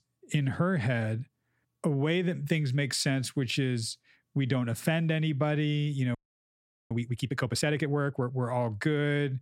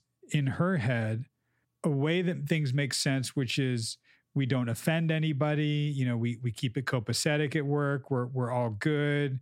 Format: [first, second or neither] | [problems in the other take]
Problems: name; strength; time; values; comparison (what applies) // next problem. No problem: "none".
second | audio freezing; at 6 s for 1 s